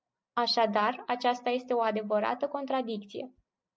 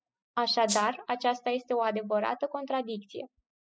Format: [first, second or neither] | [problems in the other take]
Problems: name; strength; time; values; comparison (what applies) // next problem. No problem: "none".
first | noise reduction (classical method spectral subtraction)